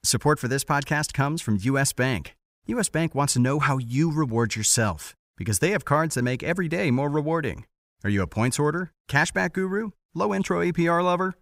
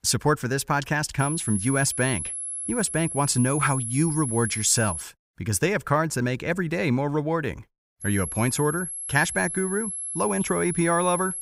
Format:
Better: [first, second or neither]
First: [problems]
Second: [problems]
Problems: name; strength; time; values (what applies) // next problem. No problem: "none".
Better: first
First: none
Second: high-pitched whine; loud; from 1 to 5 s and from 8 s on; 11 kHz, 5 dB below the speech